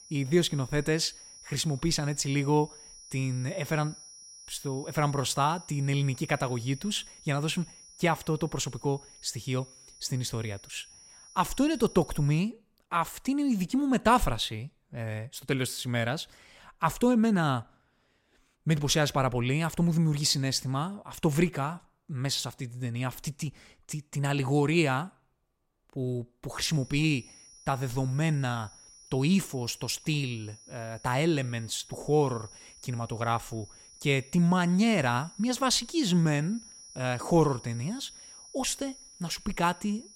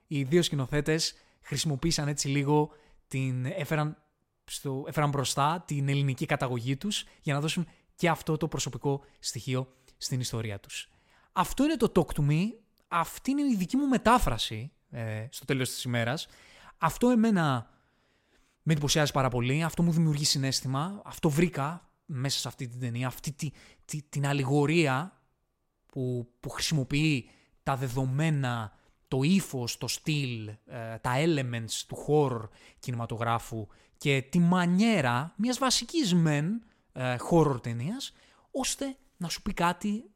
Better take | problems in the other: second | high-pitched whine; noticeable; until 12 s and from 27 s on; 5.5 kHz, 20 dB below the speech

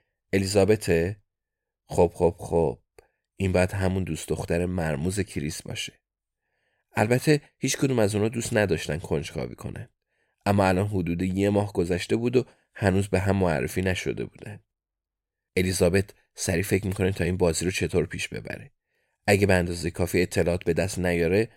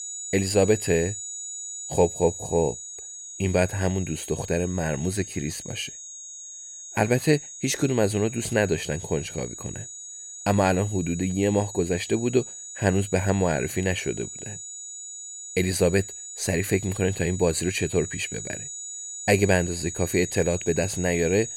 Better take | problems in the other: first | high-pitched whine; loud; throughout; 7 kHz, 10 dB below the speech

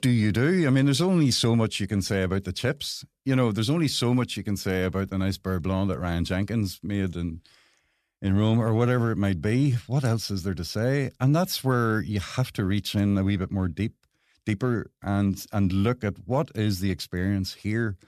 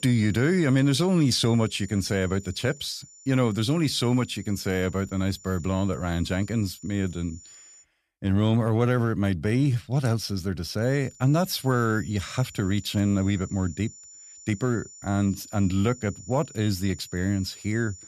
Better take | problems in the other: first | high-pitched whine; noticeable; until 8 s and from 11 s on; 7 kHz, 20 dB below the speech

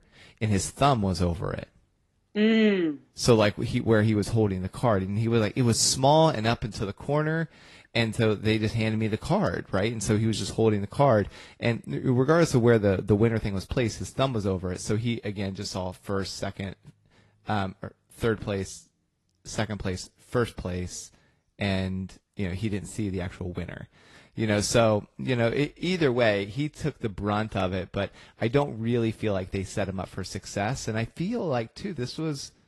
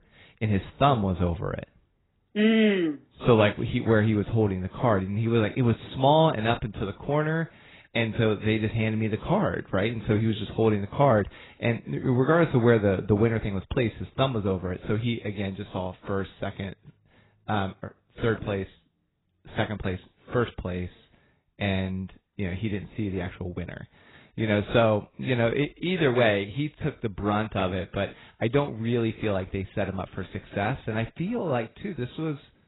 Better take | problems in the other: first | garbled, watery; badly; nothing above 4 kHz; slightly in the first

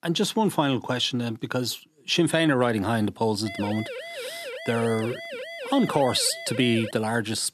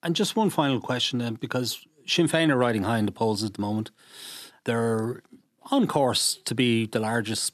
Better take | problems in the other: second | siren; noticeable; from 3.5 to 7 s; peak 10 dB below the speech

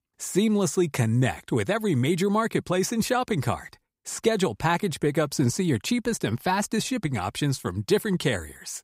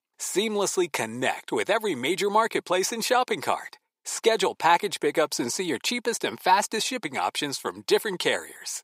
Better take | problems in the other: first | thin; somewhat; fading below 450 Hz

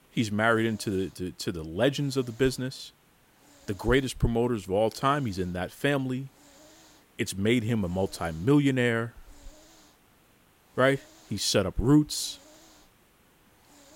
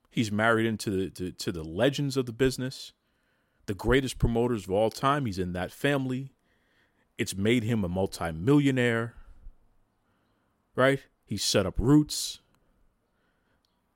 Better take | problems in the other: second | hiss; faint; throughout; 30 dB below the speech

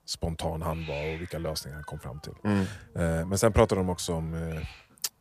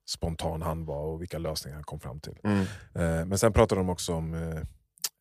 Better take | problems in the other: second | hiss; noticeable; throughout; 15 dB below the speech

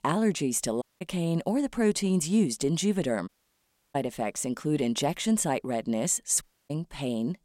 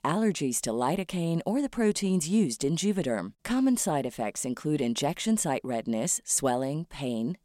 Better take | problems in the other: second | audio cutting out; at 1 s, at 3.5 s for 0.5 s and at 6.5 s

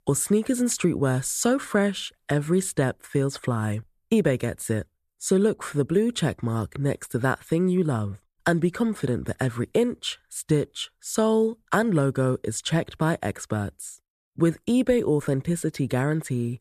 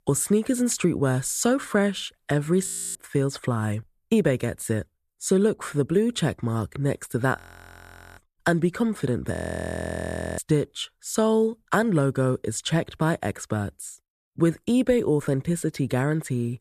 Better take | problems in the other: first | audio freezing; at 2.5 s, at 7.5 s for 1 s and at 9.5 s for 1 s

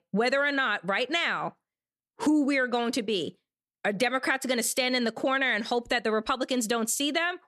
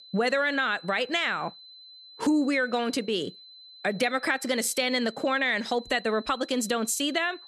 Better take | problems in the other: first | high-pitched whine; noticeable; throughout; 4 kHz, 20 dB below the speech

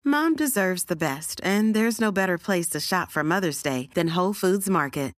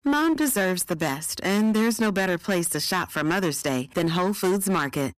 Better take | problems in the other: first | distortion; slight; 13% of the sound clipped

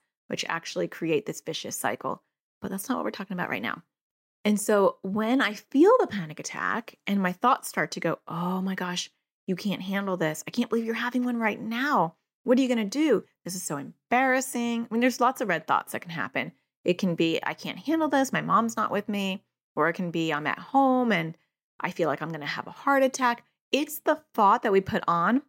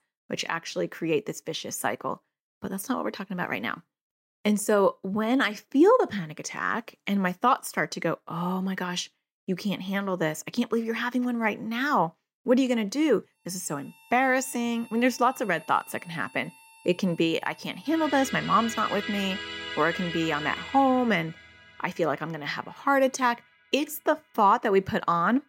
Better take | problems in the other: first | background music; noticeable; from 14 s on; 10 dB below the speech

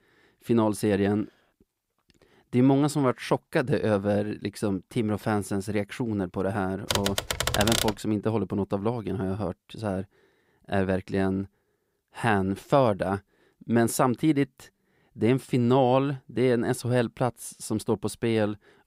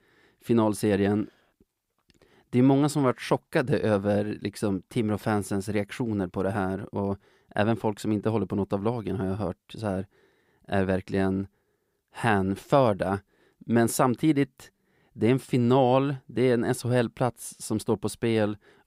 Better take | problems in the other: second | keyboard typing; loud; from 7 to 8 s; peak 1 dB above the speech

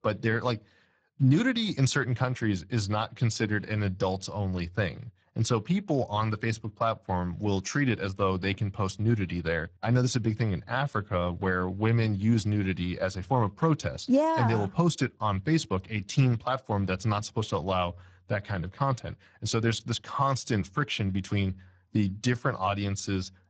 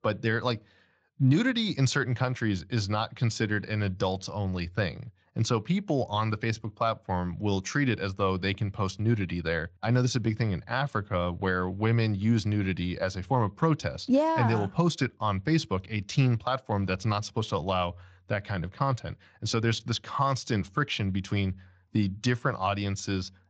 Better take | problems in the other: second | garbled, watery; badly; nothing above 7.5 kHz; slightly in the second

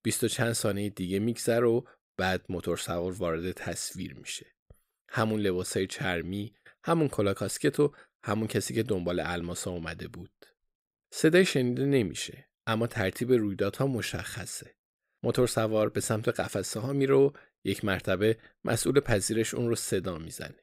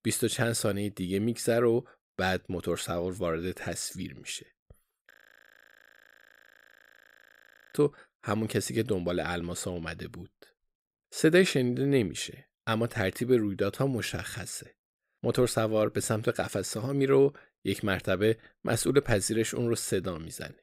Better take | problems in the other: first | audio freezing; at 5 s for 2.5 s

